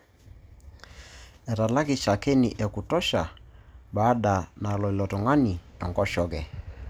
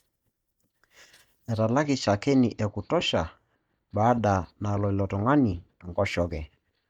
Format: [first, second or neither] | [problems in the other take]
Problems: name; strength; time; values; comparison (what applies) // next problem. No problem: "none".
first | noise reduction (neural mask model DeepFilterNet 3)